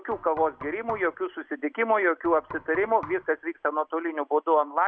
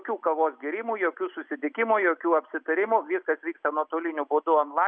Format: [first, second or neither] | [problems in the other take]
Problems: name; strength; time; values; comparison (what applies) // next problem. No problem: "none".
second | background sound (Knock); 19 dB below the speech